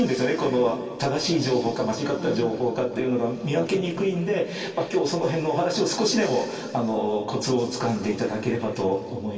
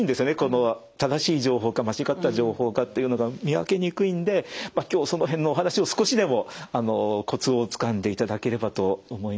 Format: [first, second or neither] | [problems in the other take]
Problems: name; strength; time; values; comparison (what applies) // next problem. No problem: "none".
second | room echo; dies away in 2.5 s